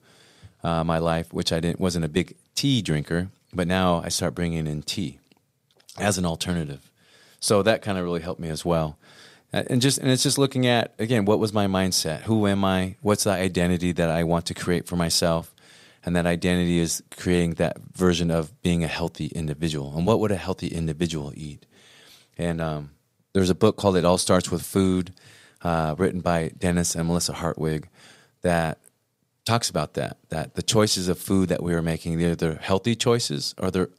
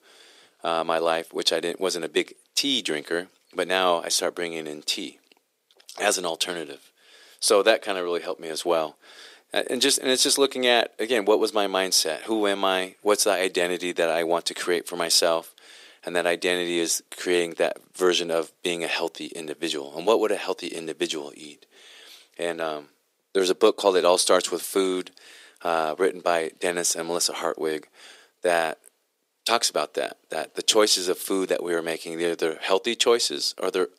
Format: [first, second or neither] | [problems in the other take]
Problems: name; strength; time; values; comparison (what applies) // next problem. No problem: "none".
first | thin; somewhat; fading below 350 Hz